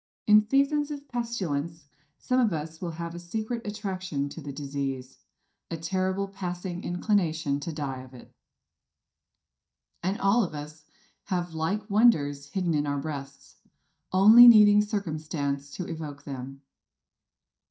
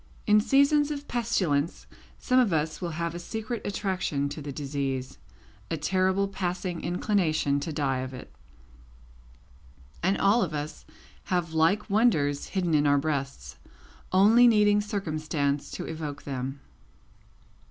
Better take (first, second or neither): second